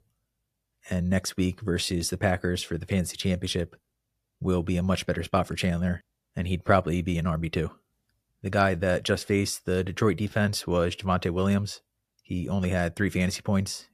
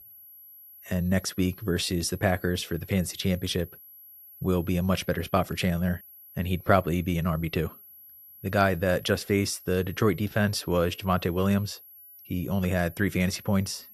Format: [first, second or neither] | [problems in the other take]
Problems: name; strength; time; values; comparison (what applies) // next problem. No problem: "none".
first | high-pitched whine; noticeable; throughout; 11.5 kHz, 20 dB below the speech